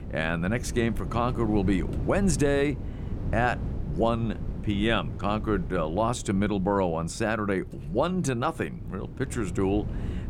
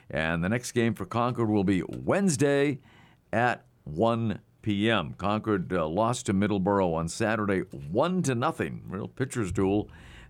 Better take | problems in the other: second | wind noise on the microphone; occasional gusts; 15 dB below the speech

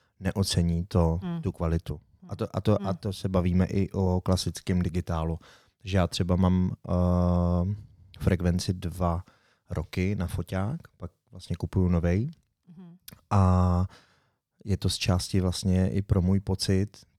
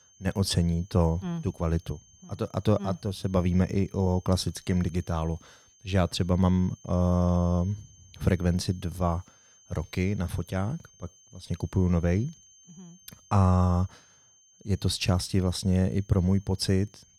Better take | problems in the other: first | high-pitched whine; faint; throughout; 6.5 kHz, 30 dB below the speech

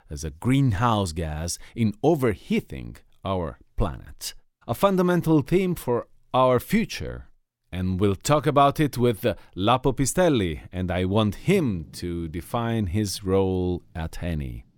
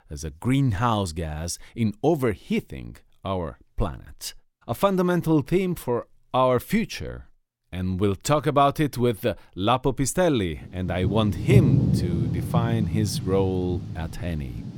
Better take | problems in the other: first | rain or running water; loud; from 11 s on; 1 dB below the speech; faint in the first

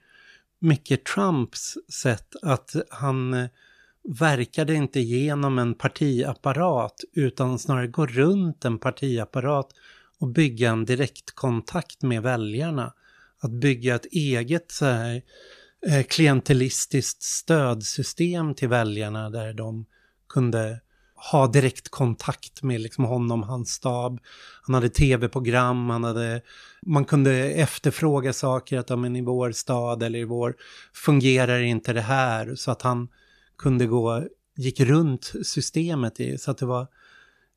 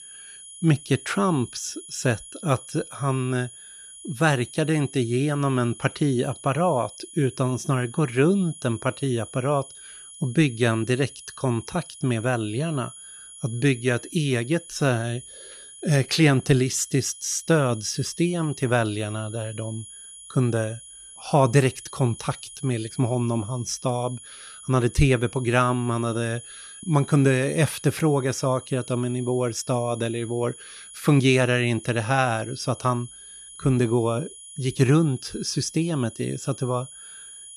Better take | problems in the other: first | high-pitched whine; noticeable; throughout; 10 kHz, 15 dB below the speech

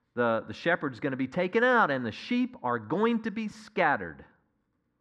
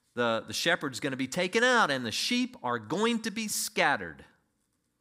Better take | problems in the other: second | muffled; very; fading above 1.5 kHz

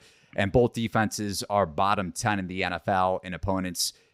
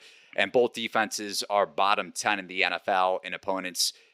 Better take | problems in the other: first | thin; somewhat; fading below 400 Hz

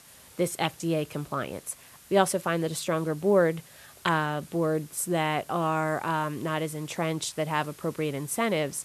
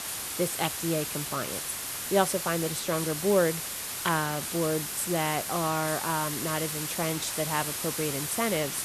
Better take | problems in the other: first | hiss; loud; throughout; 2 dB below the speech; faint in the first

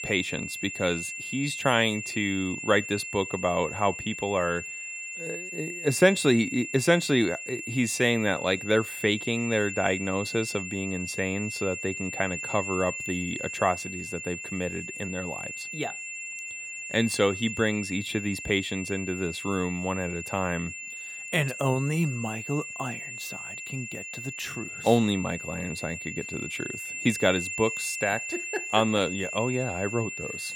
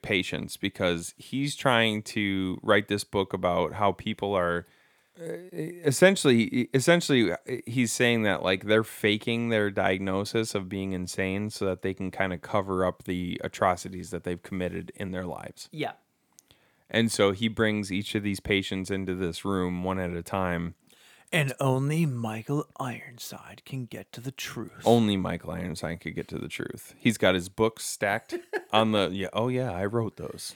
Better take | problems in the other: second | high-pitched whine; loud; throughout; 2.5 kHz, 6 dB below the speech

